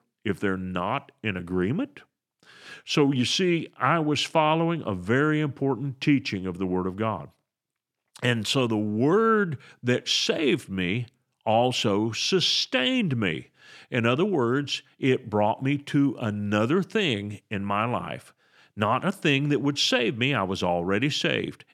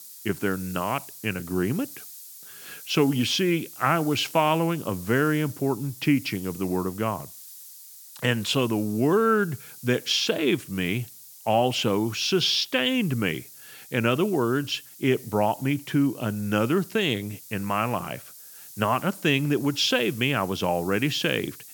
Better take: first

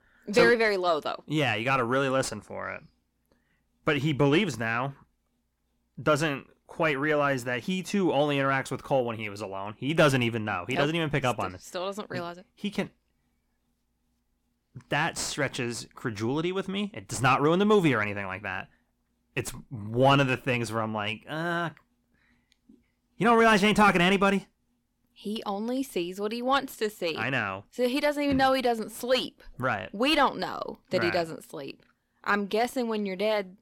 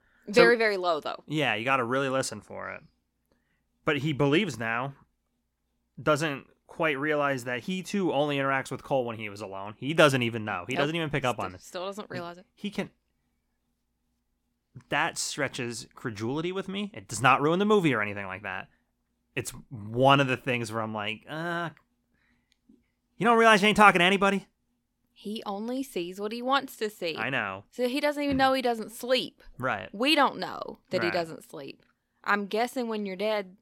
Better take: second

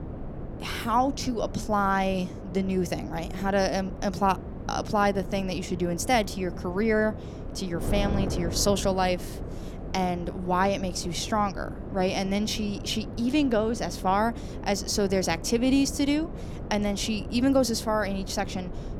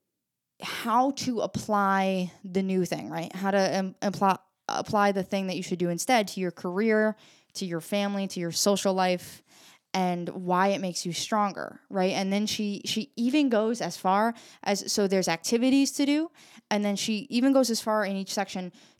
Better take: second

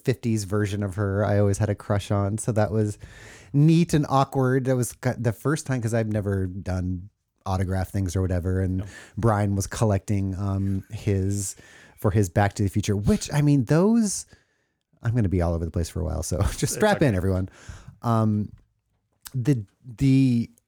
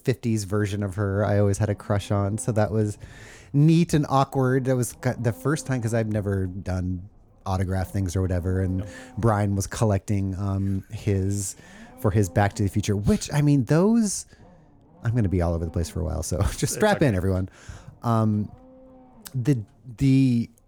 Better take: first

